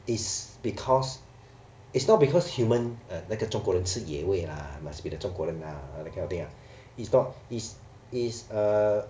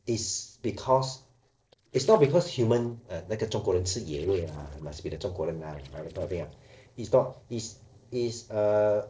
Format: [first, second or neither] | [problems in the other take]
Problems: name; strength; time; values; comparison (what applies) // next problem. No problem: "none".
first | noise reduction (neural separator model SepFormer DNS4)